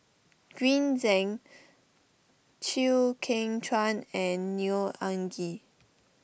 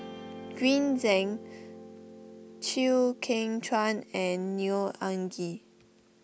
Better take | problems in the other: first | background sound (Guitar); 17 dB below the speech

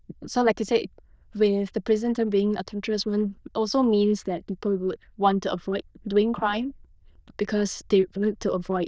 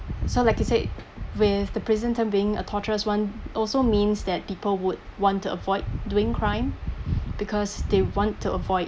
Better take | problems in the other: second | noise reduction (neural diffusion model UNIVERSE++)

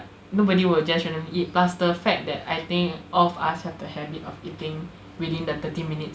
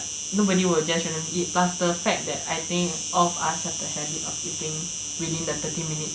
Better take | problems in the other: first | background sound (Insect); 4 dB below the speech

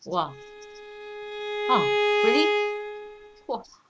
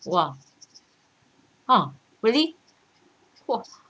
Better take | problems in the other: second | background sound (Bowed string instrument); 4 dB above the speech

